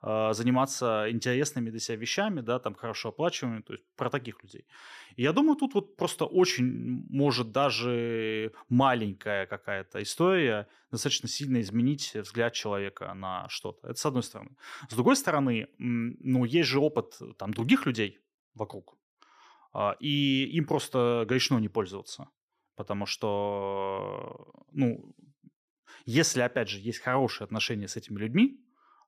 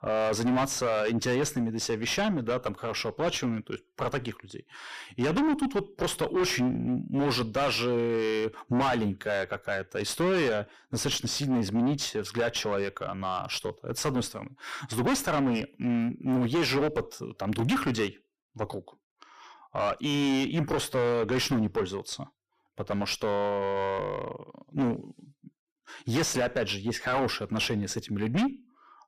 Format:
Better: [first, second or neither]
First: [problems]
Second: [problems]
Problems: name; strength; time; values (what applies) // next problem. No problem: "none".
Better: first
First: none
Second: distortion; heavy; 5 dB below the speech